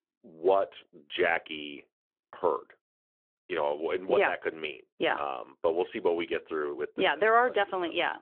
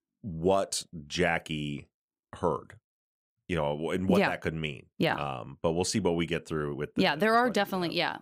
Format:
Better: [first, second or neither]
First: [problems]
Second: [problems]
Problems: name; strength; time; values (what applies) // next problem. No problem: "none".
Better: second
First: phone-call audio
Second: none